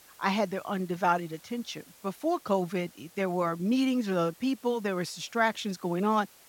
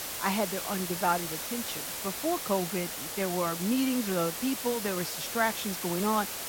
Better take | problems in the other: first | hiss; loud; throughout; 3 dB below the speech; faint in the first

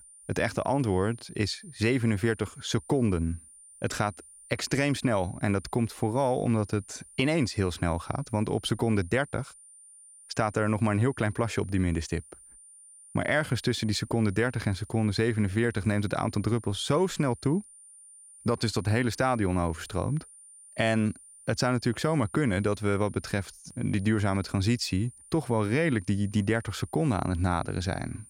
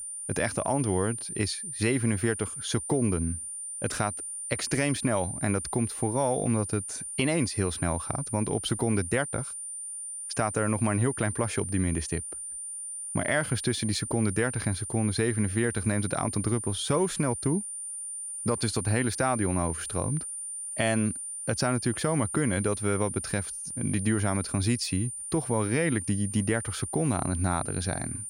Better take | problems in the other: first | high-pitched whine; loud; throughout; 9 kHz, 5 dB below the speech; faint in the first

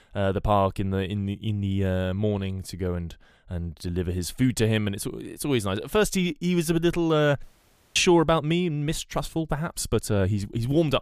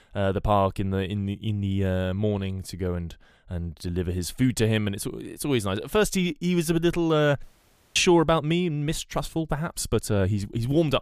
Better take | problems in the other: neither | audio cutting out; at 7.5 s for 0.5 s; the same in both

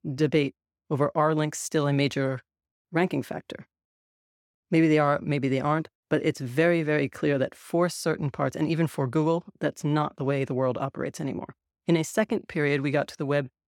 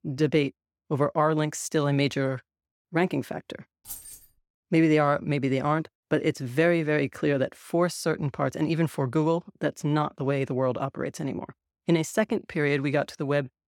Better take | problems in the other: first | jangling keys; faint; at 4 s; peak 10 dB below the speech

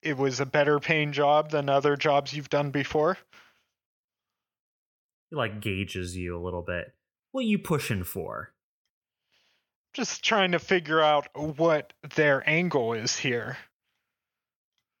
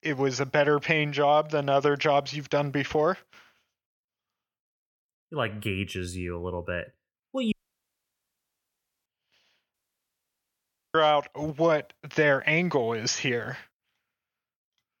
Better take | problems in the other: first | audio cutting out; at 7.5 s for 1.5 s and at 9.5 s for 1 s

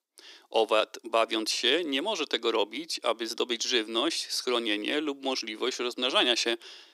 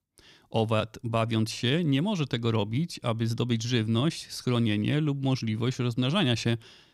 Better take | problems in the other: second | thin; very; fading below 350 Hz

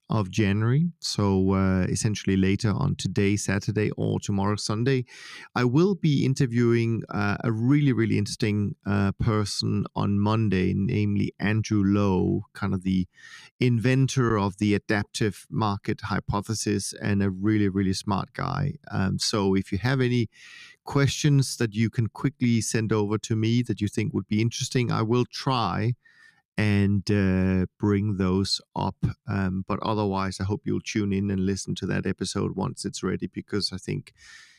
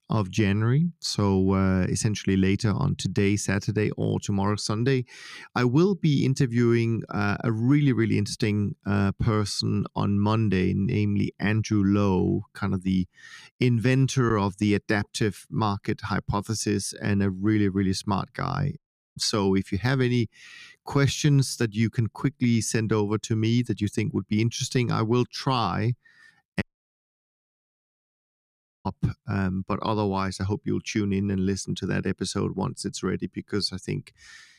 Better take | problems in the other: first | audio cutting out; at 19 s and at 27 s for 2 s

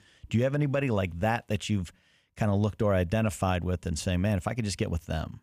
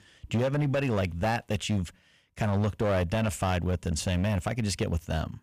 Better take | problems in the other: first | distortion; slight; 11% of the sound clipped

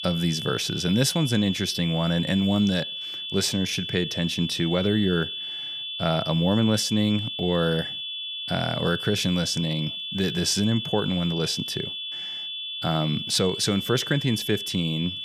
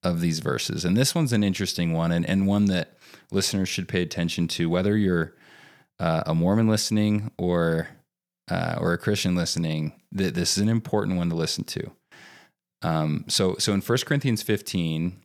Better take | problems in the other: second | high-pitched whine; loud; throughout; 3.5 kHz, 5 dB below the speech

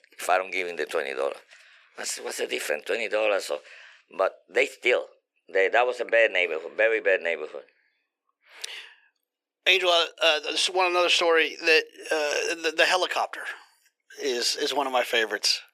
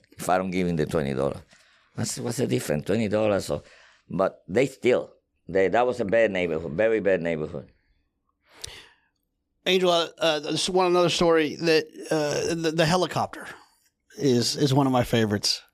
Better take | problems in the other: second | thin; very; fading below 400 Hz

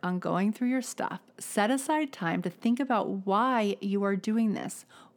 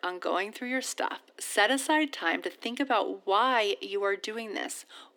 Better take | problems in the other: first | thin; somewhat; fading below 300 Hz

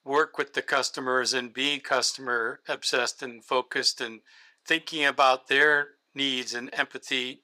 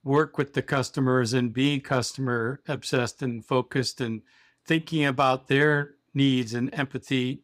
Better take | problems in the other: second | thin; very; fading below 600 Hz

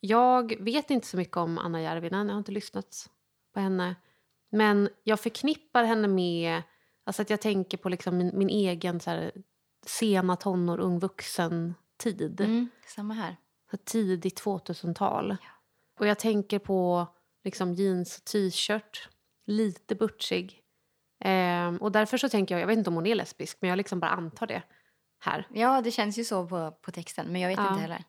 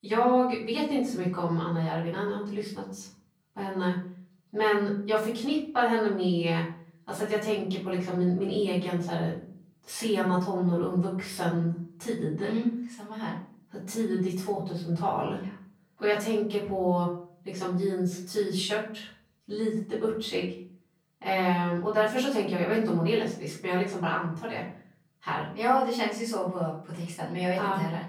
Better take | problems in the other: first | off-mic speech; far // room echo; noticeable; dies away in 0.5 s

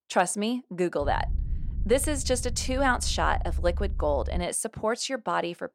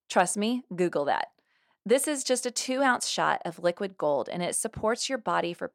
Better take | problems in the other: second | low rumble; faint; from 1 to 4.5 s; 25 dB below the speech

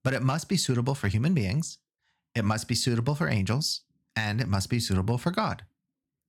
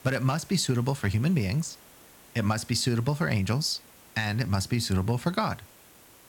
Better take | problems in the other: first | hiss; faint; throughout; 25 dB below the speech

